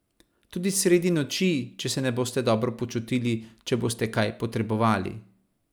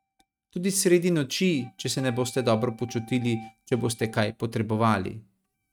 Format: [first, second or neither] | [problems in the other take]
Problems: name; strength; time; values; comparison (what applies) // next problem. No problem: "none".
first | noise reduction (neural mask model RNNoise)